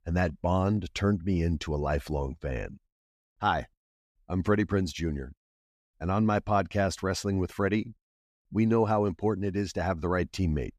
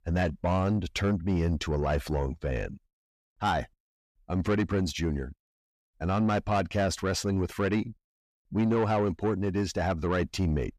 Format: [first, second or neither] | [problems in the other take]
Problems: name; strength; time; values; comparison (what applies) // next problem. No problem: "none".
first | distortion; slight; 10 dB below the speech